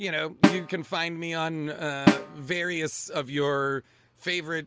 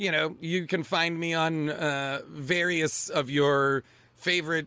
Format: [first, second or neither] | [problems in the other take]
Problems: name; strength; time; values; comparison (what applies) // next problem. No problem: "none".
second | background sound (Snare drum); 3 dB above the speech